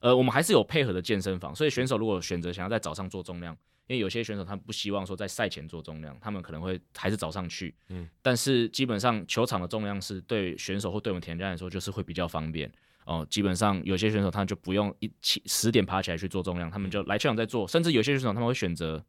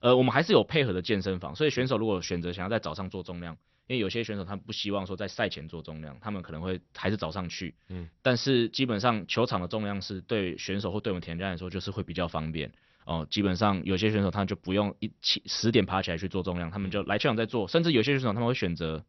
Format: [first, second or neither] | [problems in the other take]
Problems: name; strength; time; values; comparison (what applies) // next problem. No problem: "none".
first | garbled, watery; slightly; nothing above 6 kHz